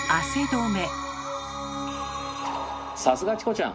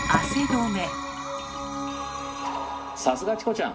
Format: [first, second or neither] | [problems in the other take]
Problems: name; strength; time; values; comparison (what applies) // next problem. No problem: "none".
first | background sound (Fill (with liquid)); 9 dB below the speech // room echo; dies away in 0.4 s